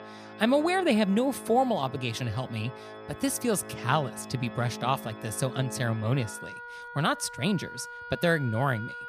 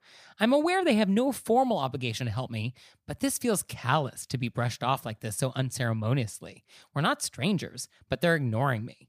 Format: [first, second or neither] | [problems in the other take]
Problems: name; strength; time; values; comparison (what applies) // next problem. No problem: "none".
second | background music; noticeable; throughout; 15 dB below the speech